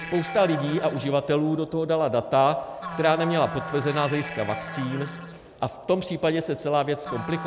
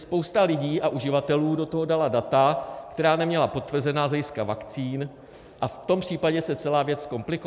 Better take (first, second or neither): second